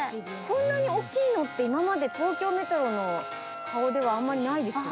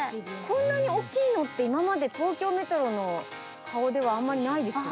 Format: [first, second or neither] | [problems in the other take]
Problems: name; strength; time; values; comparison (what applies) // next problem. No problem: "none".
second | background sound (Wind instrument, woodwind instrument); 12 dB below the speech